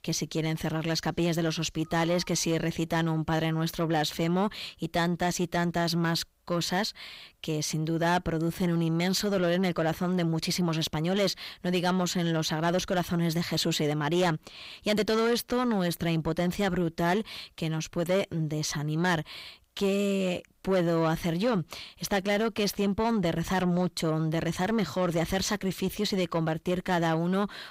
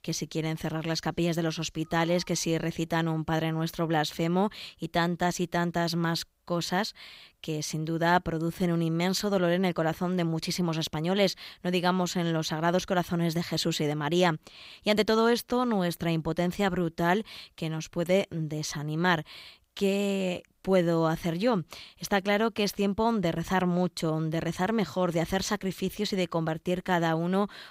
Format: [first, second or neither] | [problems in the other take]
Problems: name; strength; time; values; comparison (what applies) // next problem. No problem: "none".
second | distortion; slight; 10 dB below the speech